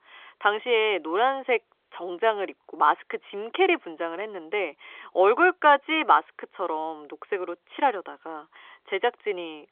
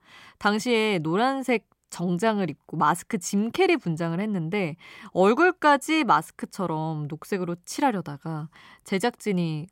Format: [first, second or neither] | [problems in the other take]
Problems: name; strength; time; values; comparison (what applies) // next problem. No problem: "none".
second | phone-call audio; nothing above 3.5 kHz